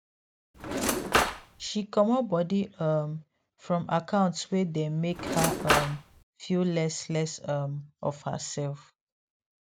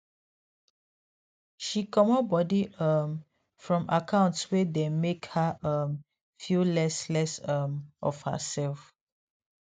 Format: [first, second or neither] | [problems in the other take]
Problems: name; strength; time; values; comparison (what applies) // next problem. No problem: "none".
second | background sound (Cutlery, silverware / Drawer open or close); 1 dB above the speech